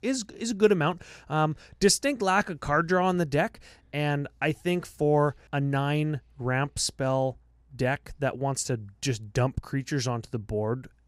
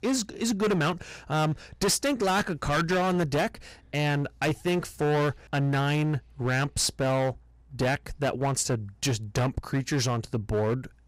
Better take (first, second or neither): first